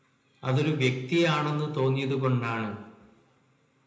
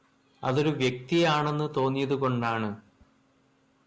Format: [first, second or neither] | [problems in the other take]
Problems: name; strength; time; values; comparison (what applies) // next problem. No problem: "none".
second | room echo; dies away in 0.8 s